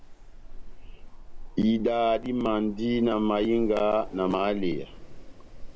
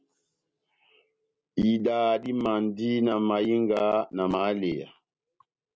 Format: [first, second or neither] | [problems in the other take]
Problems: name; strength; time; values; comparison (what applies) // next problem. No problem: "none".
second | background sound (Wind); 11 dB below the speech